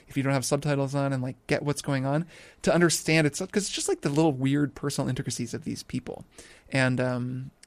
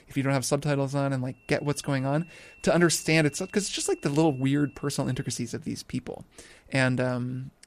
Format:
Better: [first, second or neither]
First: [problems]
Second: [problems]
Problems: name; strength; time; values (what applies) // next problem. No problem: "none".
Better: first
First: none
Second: high-pitched whine; faint; from 1.5 to 5.5 s; 2.5 kHz, 25 dB below the speech